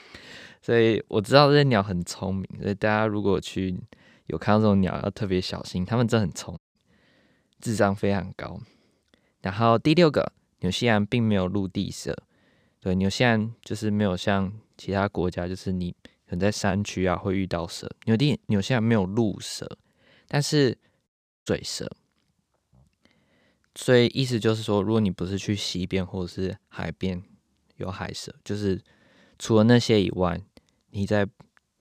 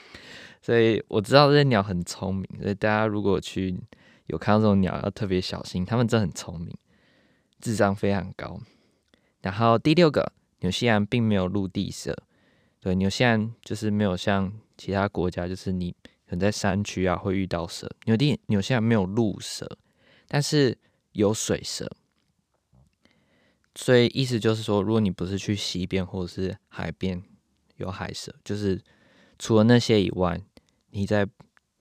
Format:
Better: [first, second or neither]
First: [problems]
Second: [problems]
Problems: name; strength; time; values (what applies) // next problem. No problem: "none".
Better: second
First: audio cutting out; at 6.5 s and at 21 s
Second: none